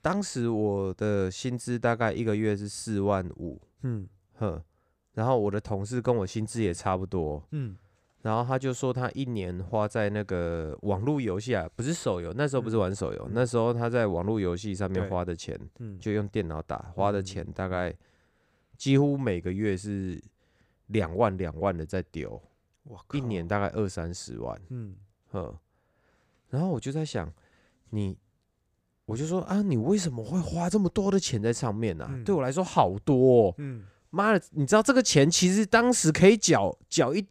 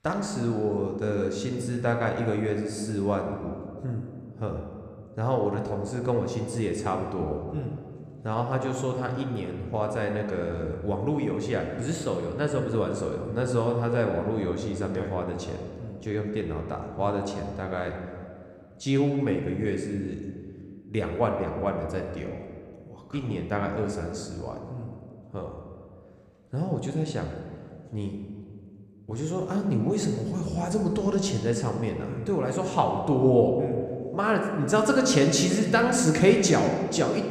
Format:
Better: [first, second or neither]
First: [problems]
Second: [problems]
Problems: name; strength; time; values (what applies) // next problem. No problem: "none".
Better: first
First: none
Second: room echo; slight; dies away in 1.6 s